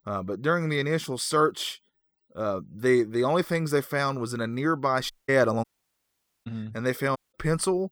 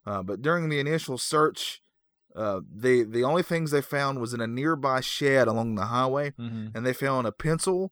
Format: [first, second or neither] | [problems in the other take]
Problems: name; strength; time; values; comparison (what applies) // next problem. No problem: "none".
second | audio cutting out; at 5 s, at 5.5 s for 1 s and at 7 s